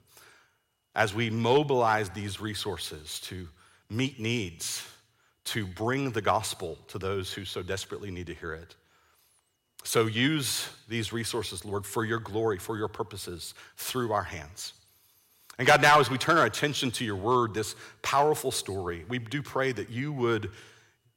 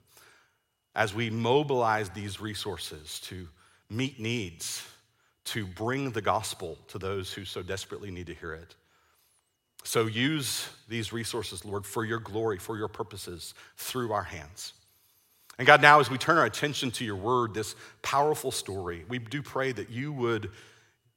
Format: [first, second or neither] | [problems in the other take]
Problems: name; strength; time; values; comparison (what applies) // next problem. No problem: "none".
second | distortion; slight; 0.5% of the sound clipped